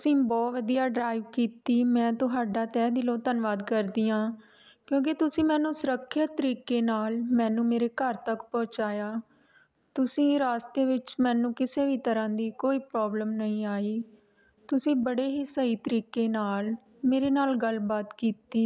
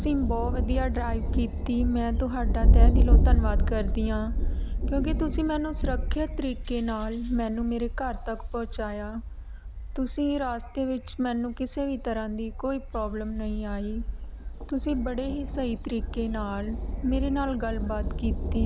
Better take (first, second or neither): first